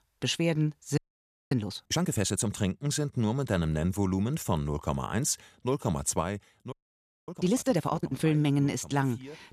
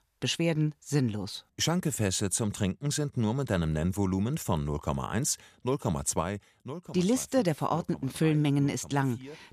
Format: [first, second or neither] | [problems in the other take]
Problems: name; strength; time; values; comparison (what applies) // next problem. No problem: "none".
second | audio freezing; at 1 s for 0.5 s and at 6.5 s for 0.5 s